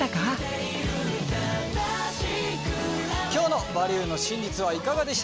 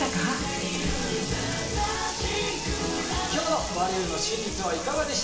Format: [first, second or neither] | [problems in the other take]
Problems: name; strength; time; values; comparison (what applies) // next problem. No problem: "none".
first | background sound (Sink (filling or washing) / Water tap, faucet); 9 dB below the speech // room echo; dies away in 1.1 s